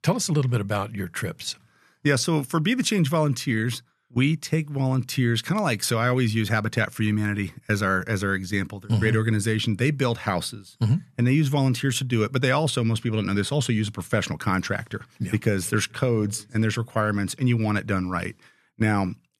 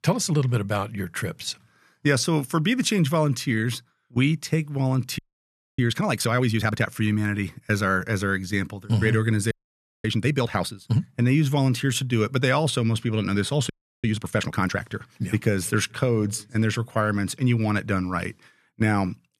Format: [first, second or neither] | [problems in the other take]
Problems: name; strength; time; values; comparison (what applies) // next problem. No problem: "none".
first | audio freezing; at 5 s for 0.5 s, at 9.5 s for 0.5 s and at 14 s